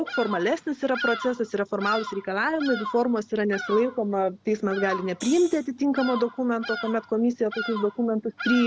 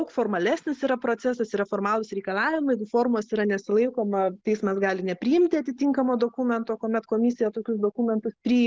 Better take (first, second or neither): second